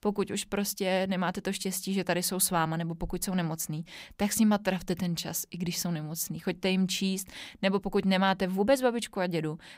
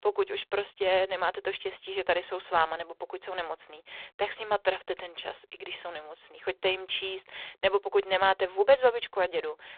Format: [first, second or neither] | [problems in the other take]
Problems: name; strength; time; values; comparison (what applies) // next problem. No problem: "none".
first | phone-call audio; poor line